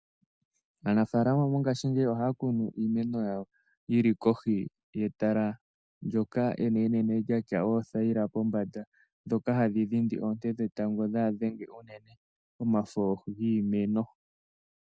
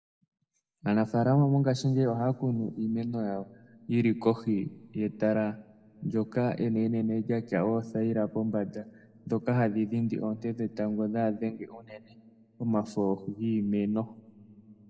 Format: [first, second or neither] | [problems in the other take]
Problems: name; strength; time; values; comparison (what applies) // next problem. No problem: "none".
first | room echo; dies away in 1.8 s